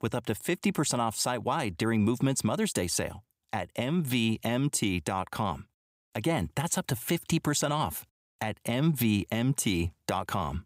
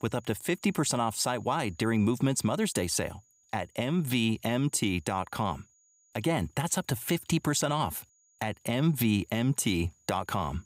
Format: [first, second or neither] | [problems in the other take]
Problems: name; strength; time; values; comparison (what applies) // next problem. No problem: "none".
first | high-pitched whine; faint; throughout; 7 kHz, 35 dB below the speech